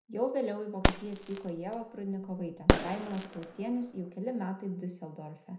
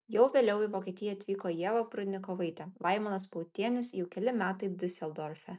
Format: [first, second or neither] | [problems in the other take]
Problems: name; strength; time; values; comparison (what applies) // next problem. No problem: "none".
second | background sound (Fireworks); 4 dB above the speech // room echo; dies away in 0.4 s